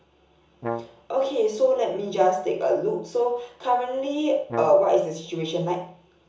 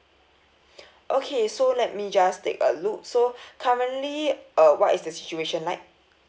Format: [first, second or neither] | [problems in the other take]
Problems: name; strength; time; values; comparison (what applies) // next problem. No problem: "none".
second | background sound (Brass instrument); 11 dB below the speech // room echo; dies away in 0.7 s